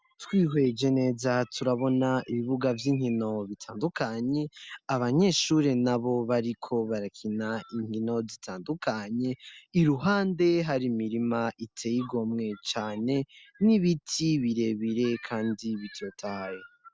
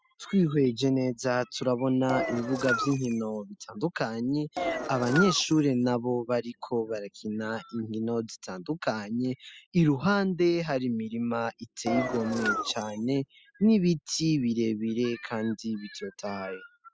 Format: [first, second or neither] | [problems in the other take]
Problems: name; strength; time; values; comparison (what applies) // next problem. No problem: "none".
first | noise reduction (classical method spectral subtraction)